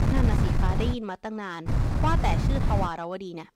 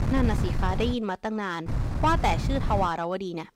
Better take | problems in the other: second | wind noise on the microphone; heavy; at the start and from 1.5 to 3 s; 4 dB below the speech; occasional gusts in the second

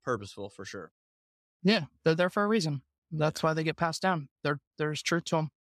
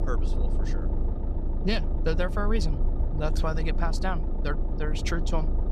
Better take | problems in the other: first | low rumble; loud; throughout; 9 dB below the speech

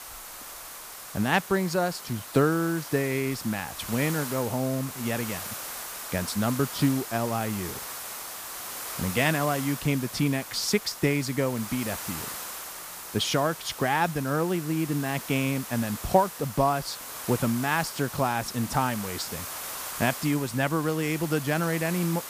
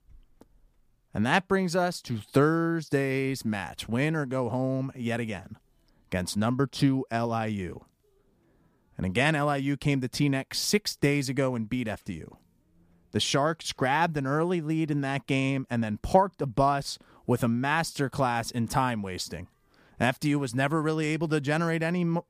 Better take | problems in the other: second | hiss; loud; throughout; 9 dB below the speech

